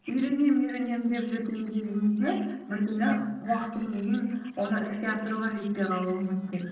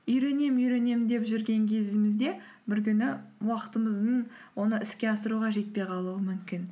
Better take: second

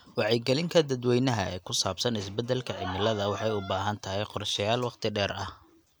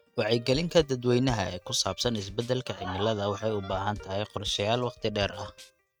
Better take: first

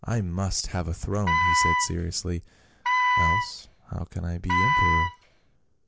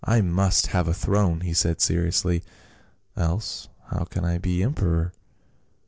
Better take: second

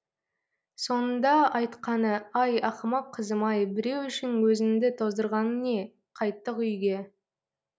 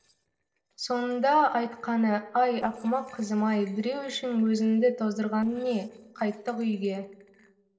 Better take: first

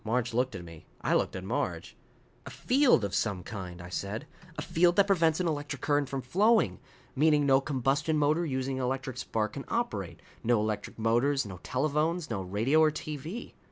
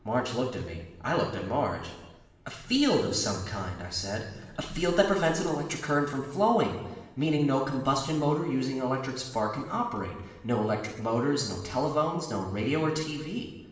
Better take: first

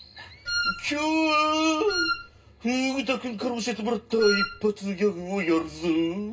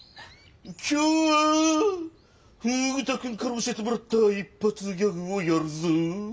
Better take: second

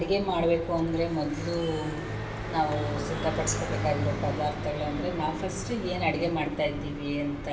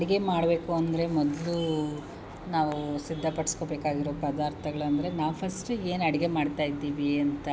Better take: second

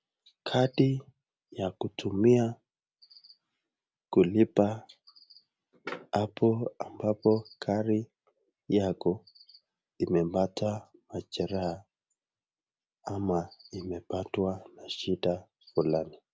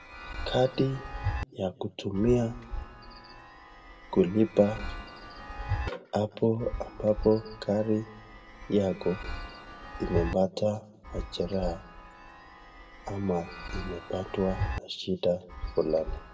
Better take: first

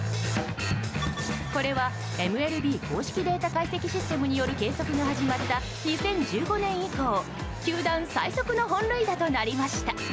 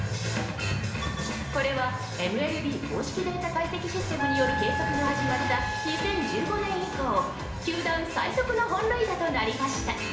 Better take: first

